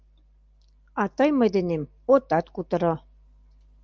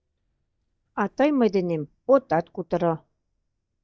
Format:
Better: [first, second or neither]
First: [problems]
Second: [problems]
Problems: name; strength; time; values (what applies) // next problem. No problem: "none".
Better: first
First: none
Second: noise reduction (neural mask model DeepFilterNet 3)